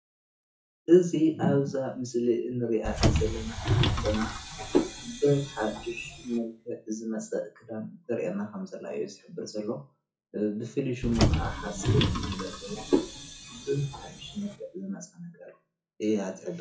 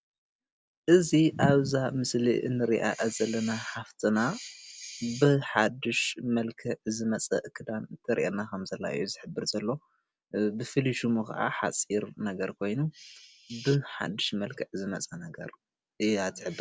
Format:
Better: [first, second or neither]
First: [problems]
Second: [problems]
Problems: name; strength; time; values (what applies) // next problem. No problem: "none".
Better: second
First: noise reduction (classical method WPE with log-MMSE)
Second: none